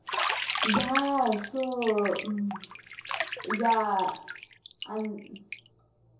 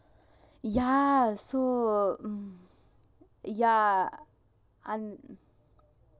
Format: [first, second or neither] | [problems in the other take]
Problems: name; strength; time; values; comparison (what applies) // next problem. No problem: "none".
second | background sound (Bathtub (filling or washing)); 5 dB below the speech // room echo; dies away in 0.6 s